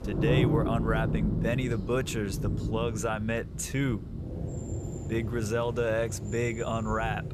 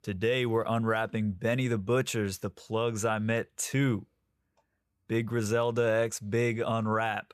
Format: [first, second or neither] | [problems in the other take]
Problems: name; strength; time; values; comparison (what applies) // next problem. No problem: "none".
second | rain or running water; loud; throughout; 2 dB below the speech